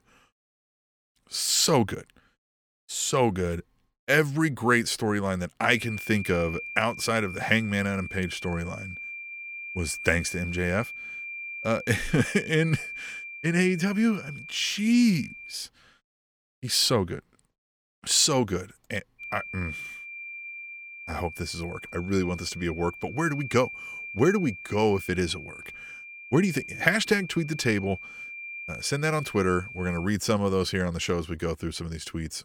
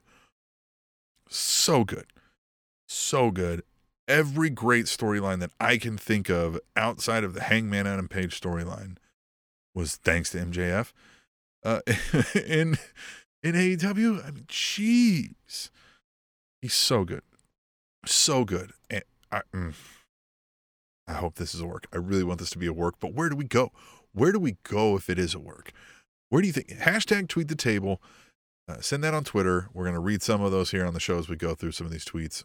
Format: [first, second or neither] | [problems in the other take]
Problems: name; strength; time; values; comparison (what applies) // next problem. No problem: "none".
second | high-pitched whine; noticeable; from 5.5 to 16 s and from 19 to 30 s; 2.5 kHz, 10 dB below the speech